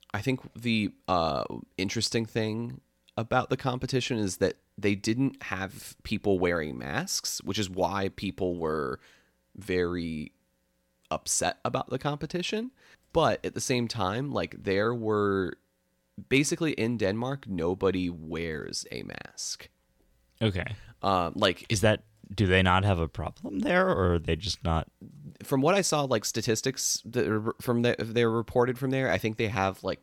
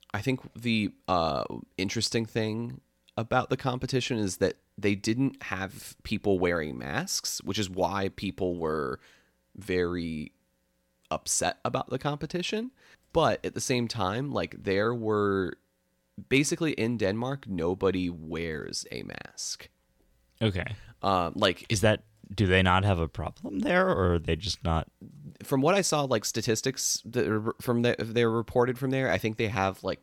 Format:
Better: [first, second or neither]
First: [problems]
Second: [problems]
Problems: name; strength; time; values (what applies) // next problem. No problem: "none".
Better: neither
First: none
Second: none